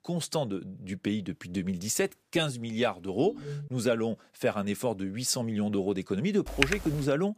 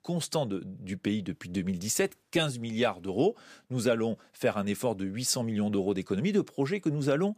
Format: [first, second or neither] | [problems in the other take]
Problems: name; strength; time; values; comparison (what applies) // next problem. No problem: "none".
second | phone ringing; noticeable; at 3 s; peak 8 dB below the speech // keyboard typing; loud; at 6.5 s; peak 2 dB above the speech